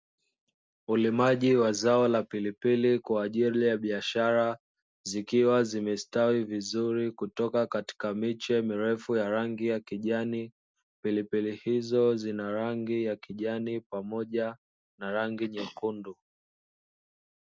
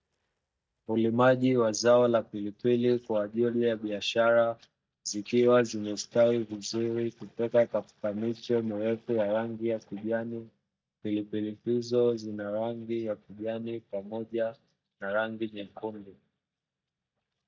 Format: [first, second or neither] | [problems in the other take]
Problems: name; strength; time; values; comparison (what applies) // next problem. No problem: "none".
first | noise reduction (neural mask model DeepFilterNet 3)